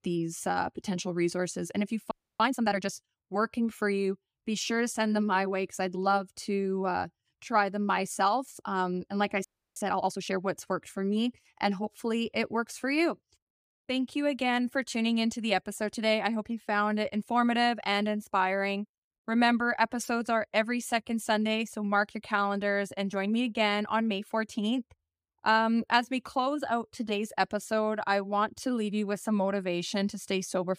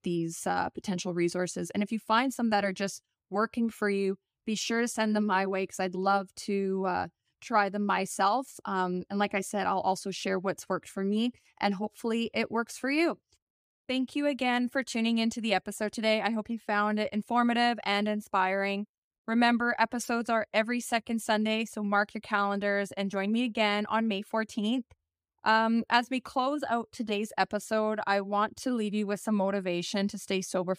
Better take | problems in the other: second | audio freezing; at 2 s and at 9.5 s

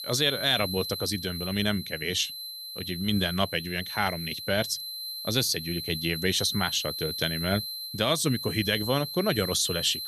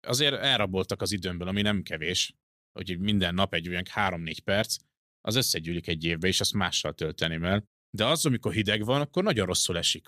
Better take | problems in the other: second | high-pitched whine; loud; throughout; 4 kHz, 6 dB below the speech

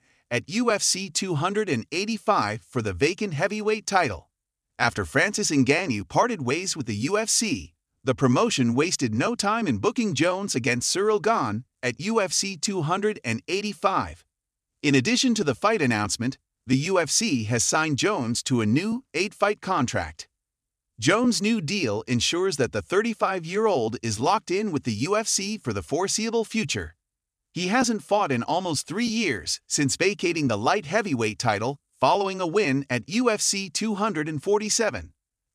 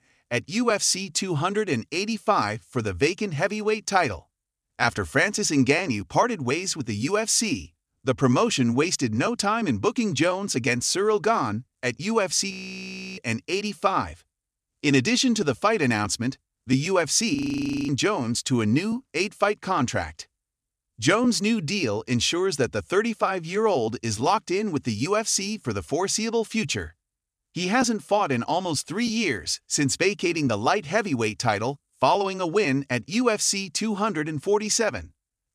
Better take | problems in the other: first | audio freezing; at 13 s for 0.5 s and at 17 s for 0.5 s

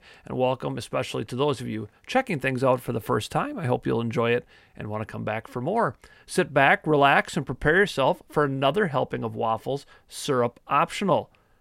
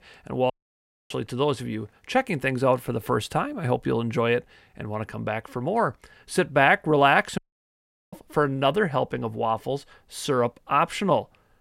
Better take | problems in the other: first | audio cutting out; at 0.5 s for 0.5 s and at 7.5 s for 0.5 s

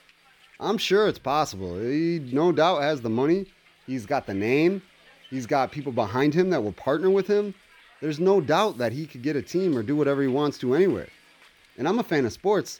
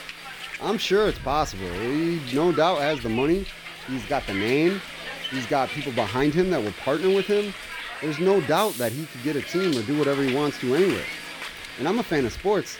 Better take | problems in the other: first | hiss; loud; throughout; 9 dB below the speech; faint in the first

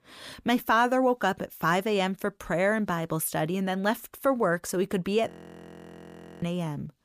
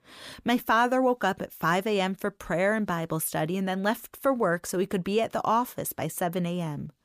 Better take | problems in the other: second | audio freezing; at 5.5 s for 1 s

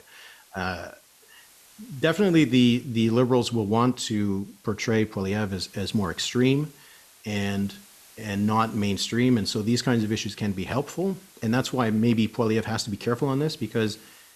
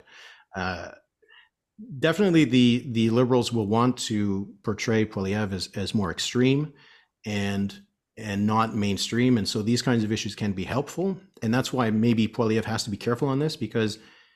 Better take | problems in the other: second | hiss; faint; throughout; 25 dB below the speech

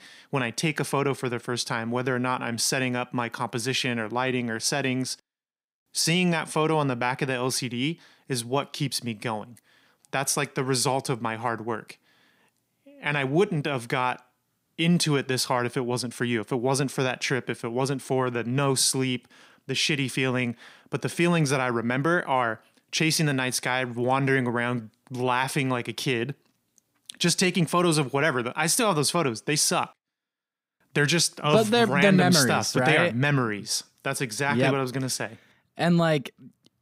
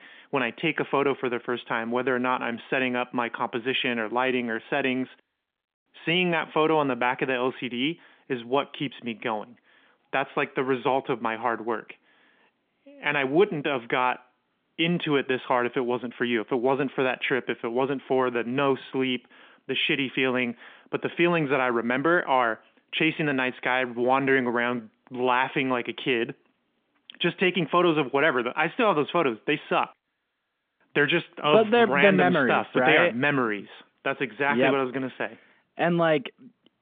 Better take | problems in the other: first | phone-call audio; nothing above 3.5 kHz

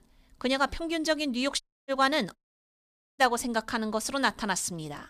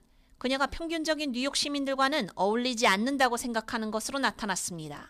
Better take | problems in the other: second | audio cutting out; at 1.5 s and at 2.5 s for 1 s

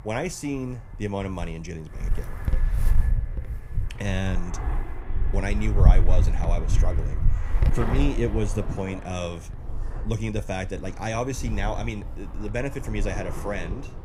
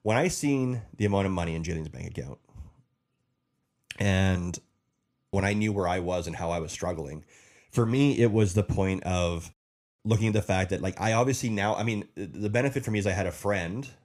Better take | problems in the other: second | wind noise on the microphone; heavy; 8 dB below the speech

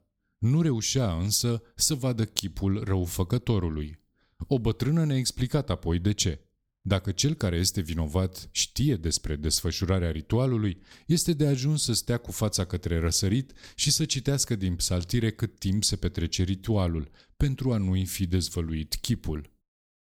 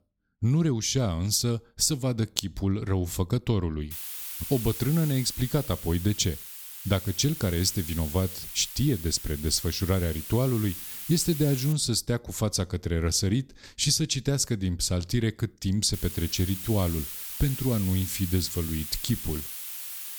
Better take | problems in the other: first | hiss; loud; from 4 to 12 s and from 16 s on; 8 dB below the speech

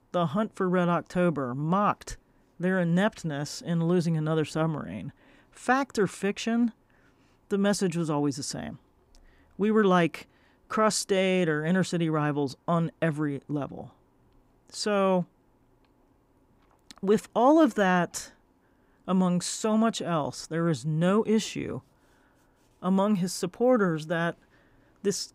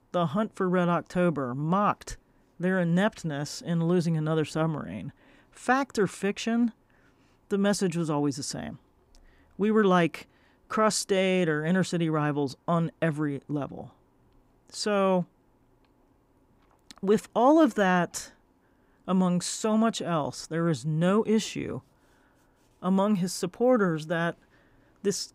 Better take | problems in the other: neither | none

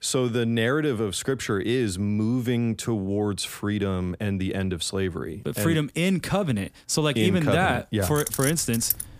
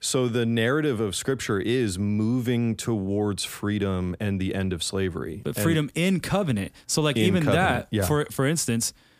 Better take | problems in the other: second | jangling keys; noticeable; at 8 s; peak 2 dB below the speech

